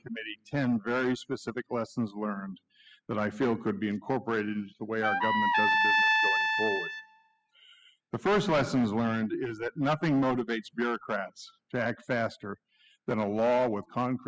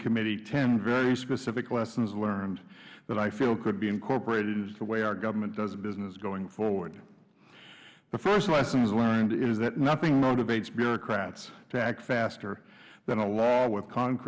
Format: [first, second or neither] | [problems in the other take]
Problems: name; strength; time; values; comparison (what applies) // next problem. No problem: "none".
second | noise reduction (classical method spectral subtraction)